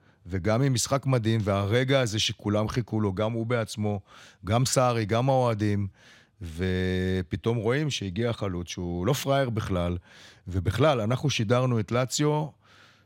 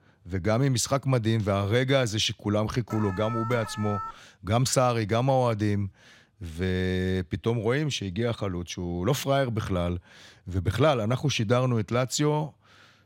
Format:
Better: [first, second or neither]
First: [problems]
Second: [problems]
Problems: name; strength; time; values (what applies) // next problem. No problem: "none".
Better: first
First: none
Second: alarm; noticeable; from 3 to 4 s; peak 8 dB below the speech